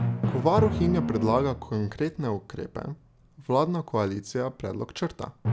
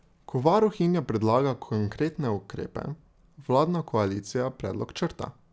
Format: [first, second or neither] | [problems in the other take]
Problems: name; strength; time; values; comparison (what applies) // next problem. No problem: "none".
second | background sound (Drum); 5 dB below the speech